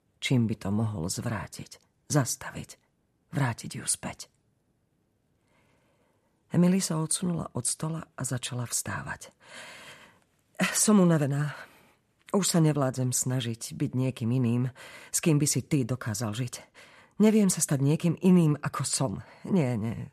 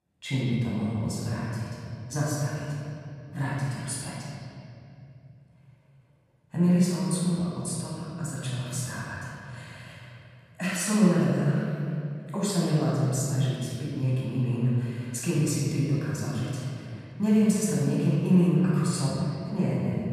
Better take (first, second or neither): first